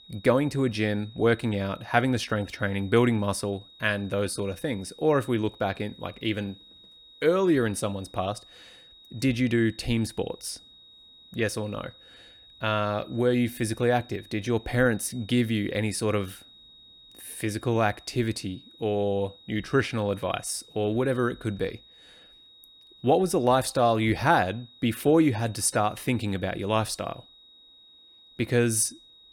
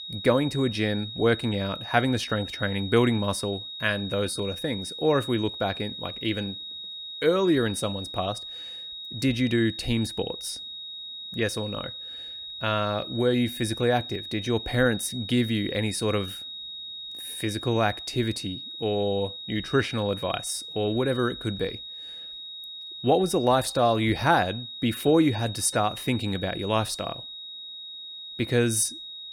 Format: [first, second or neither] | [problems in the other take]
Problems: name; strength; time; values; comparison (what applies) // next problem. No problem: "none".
first | high-pitched whine; loud; throughout; 4 kHz, 9 dB below the speech; faint in the first